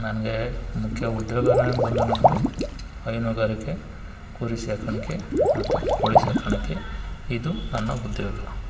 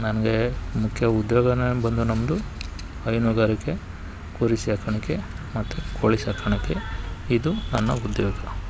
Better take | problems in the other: second | background sound (Liquid); 2 dB above the speech // room echo; dies away in 1.9 s

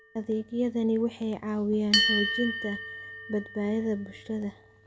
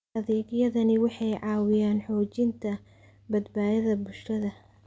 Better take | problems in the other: second | background sound (Bell); 4 dB below the speech

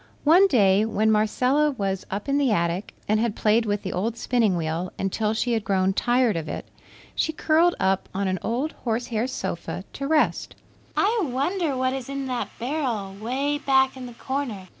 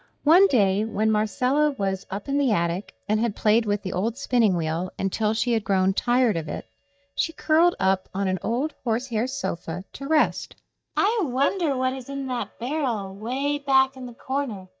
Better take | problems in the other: first | noise reduction (neural mask model DeepFilterNet 3)

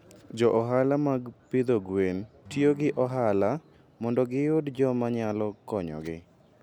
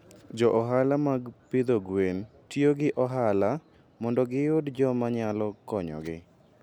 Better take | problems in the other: second | background sound (Acoustic guitar / Strum); 20 dB below the speech

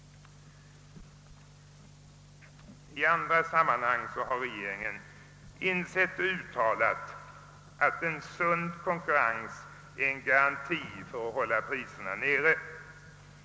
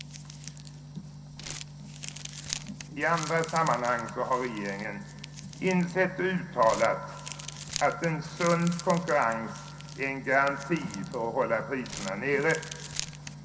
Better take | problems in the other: first | background sound (Crumpling, crinkling); 14 dB below the speech // room echo; dies away in 0.3 s

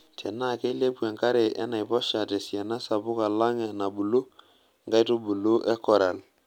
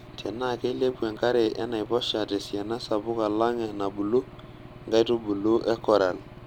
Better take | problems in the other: first | background sound (Engine / Aircraft); 18 dB below the speech

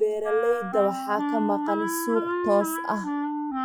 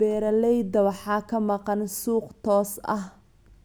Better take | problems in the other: second | noise reduction (classical method log-MMSE)

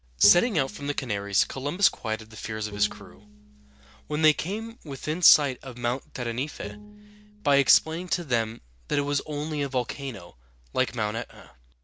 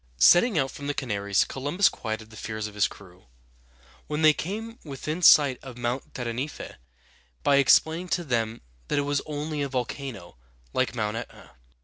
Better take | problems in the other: second | background sound (Bowed string instrument); 17 dB below the speech

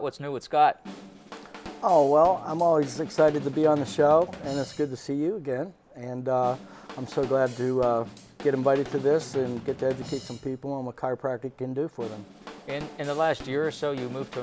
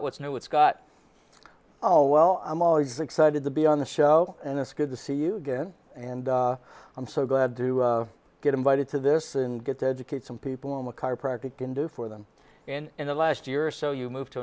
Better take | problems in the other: second | background sound (Drum / Drum kit); 17 dB below the speech

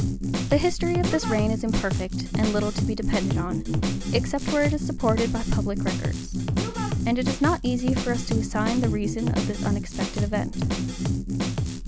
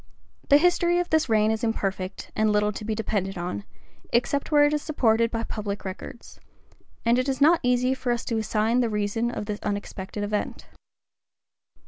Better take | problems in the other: second | background sound (Drum kit); 1 dB above the speech

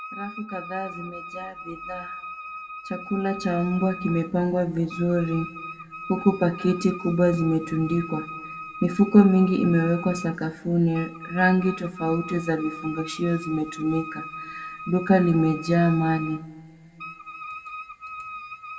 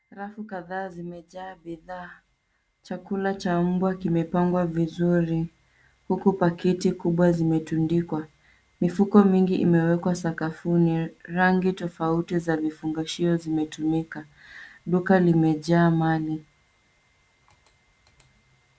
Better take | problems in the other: second | background sound (Wind instrument, woodwind instrument); 14 dB below the speech // room echo; dies away in 1.1 s

